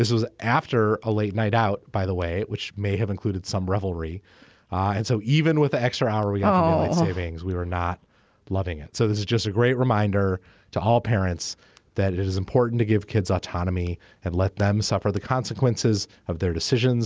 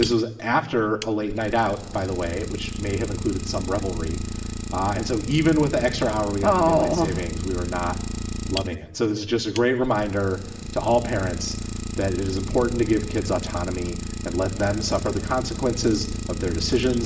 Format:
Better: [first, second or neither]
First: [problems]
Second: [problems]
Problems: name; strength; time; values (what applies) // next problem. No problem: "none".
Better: first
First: none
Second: background sound (Idling); 7 dB below the speech // room echo; dies away in 0.9 s